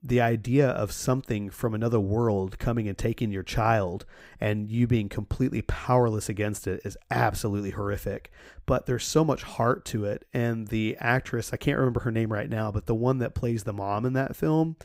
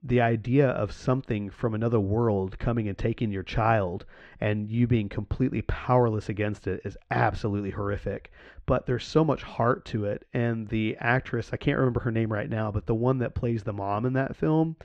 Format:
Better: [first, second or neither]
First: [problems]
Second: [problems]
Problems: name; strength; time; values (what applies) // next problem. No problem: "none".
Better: first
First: none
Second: muffled; slightly; fading above 4 kHz